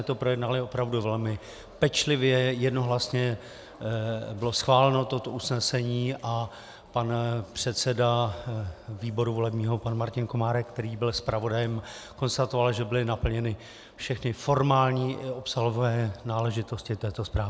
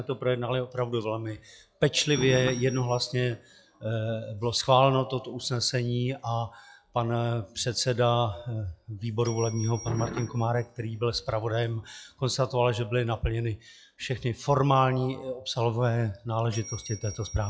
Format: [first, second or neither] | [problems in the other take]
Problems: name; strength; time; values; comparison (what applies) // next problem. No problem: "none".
first | noise reduction (classical method log-MMSE)